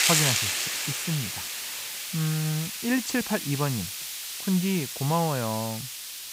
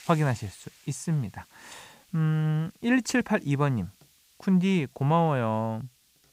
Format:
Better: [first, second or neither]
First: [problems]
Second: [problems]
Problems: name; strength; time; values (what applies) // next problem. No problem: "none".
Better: second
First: hiss; loud; throughout; 1 dB below the speech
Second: hiss; faint; throughout; 30 dB below the speech